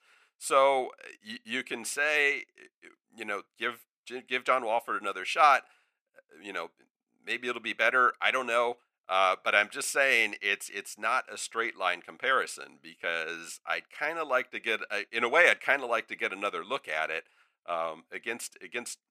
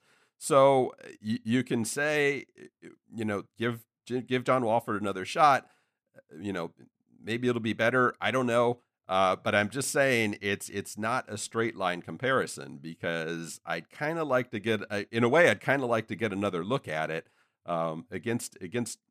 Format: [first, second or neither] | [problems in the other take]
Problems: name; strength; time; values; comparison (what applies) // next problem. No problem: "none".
second | thin; somewhat; fading below 500 Hz